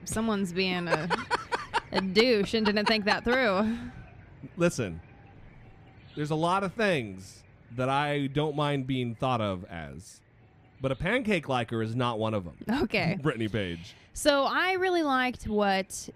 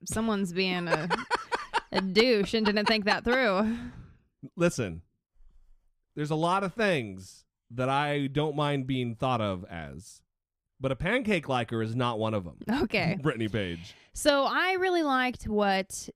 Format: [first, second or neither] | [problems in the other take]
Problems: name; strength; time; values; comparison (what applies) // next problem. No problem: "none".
second | animal sounds; faint; throughout; 25 dB below the speech